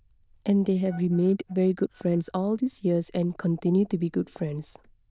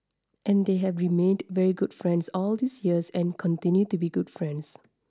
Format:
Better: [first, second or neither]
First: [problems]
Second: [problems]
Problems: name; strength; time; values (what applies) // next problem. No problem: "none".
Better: second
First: noise reduction (neural diffusion model UNIVERSE++)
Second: none